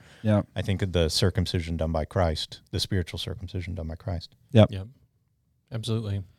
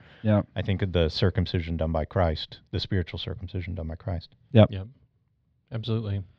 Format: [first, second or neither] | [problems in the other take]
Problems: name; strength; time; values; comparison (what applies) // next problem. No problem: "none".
first | muffled; very slightly; fading above 4 kHz